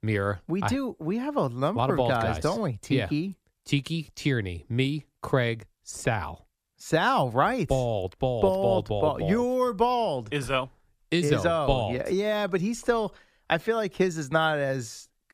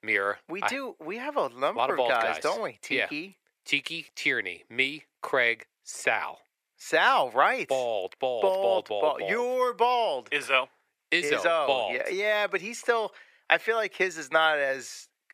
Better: first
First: none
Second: thin; very; fading below 550 Hz

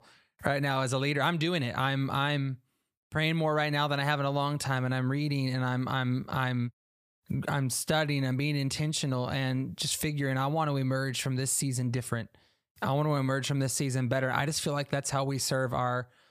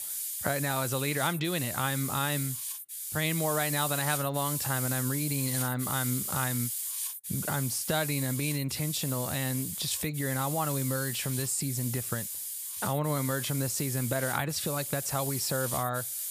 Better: first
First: none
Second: hiss; loud; throughout; 2 dB below the speech

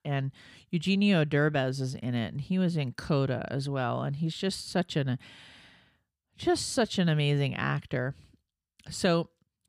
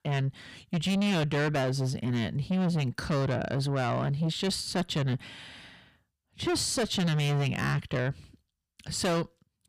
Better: first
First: none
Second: distortion; heavy; 7 dB below the speech

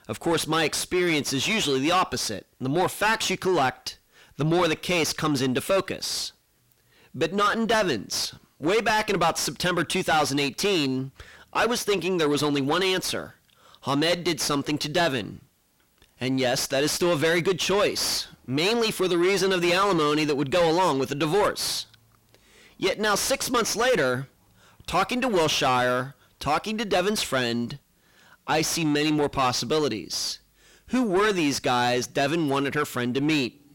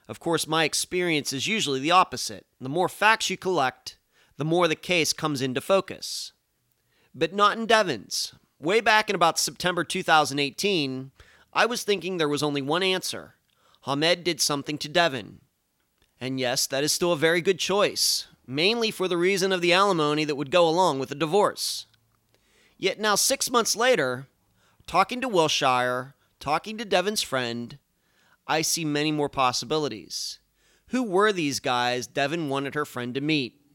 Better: second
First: distortion; heavy; 6 dB below the speech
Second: none

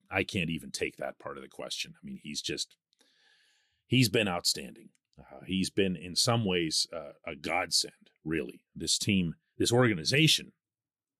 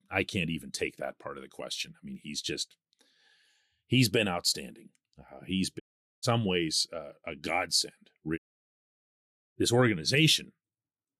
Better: first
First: none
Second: audio cutting out; at 6 s and at 8.5 s for 1 s

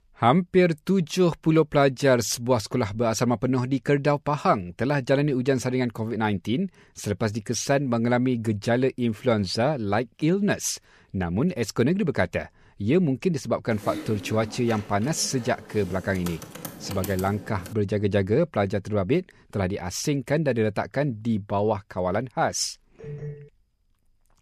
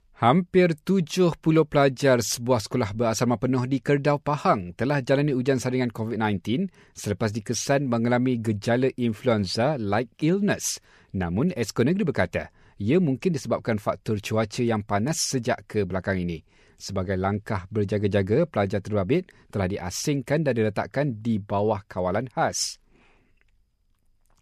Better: second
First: keyboard typing; noticeable; from 14 to 18 s; peak 10 dB below the speech // phone ringing; faint; at 23 s; peak 10 dB below the speech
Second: none

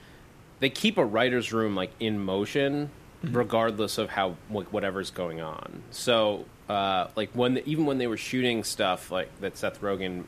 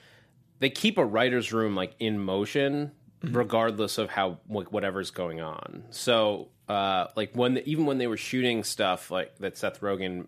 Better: second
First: hiss; faint; throughout; 25 dB below the speech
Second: none

